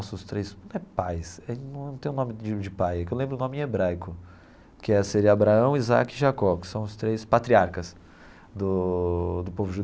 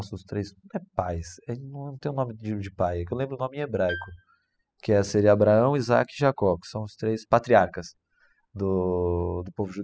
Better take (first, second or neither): first